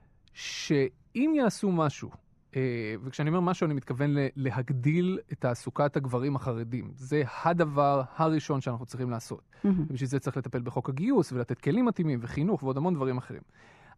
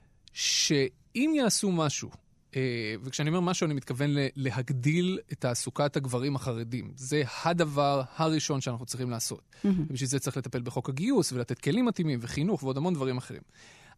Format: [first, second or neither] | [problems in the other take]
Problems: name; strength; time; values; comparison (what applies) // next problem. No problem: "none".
second | muffled; slightly; fading above 3 kHz